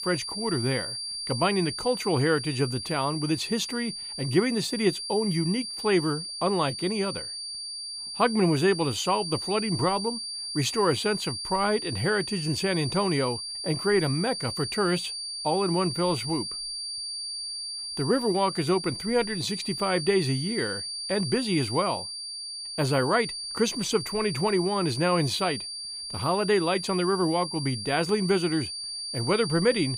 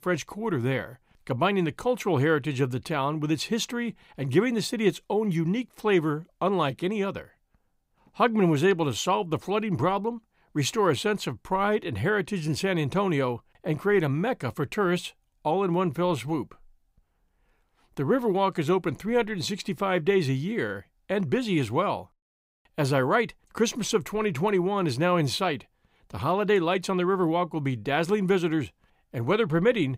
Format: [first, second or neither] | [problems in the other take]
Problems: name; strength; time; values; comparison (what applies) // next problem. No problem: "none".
second | high-pitched whine; loud; throughout; 4.5 kHz, 5 dB below the speech